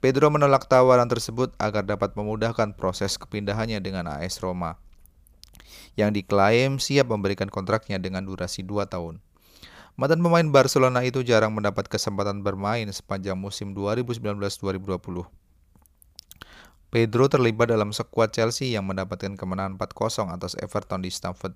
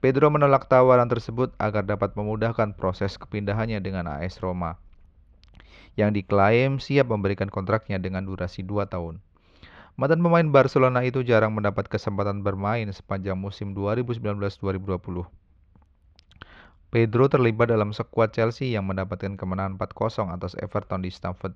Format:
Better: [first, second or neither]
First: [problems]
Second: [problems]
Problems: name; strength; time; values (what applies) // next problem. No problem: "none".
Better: first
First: none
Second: muffled; slightly; fading above 3 kHz